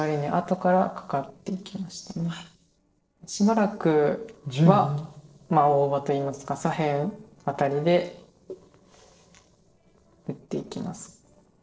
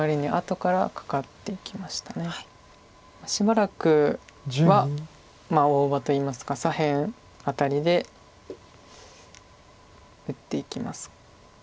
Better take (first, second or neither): second